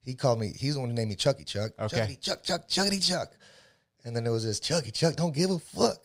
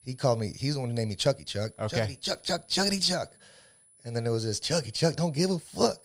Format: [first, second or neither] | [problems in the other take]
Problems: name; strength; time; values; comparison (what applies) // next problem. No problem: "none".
first | high-pitched whine; faint; throughout; 10 kHz, 30 dB below the speech